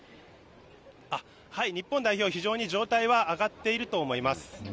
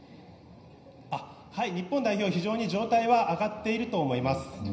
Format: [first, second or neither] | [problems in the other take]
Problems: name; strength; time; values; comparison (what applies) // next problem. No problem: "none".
first | room echo; dies away in 0.9 s